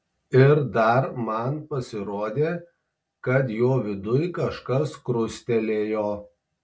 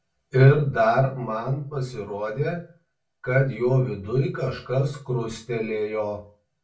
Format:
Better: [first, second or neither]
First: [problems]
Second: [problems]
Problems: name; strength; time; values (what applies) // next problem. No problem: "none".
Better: first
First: none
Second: room echo; dies away in 0.3 s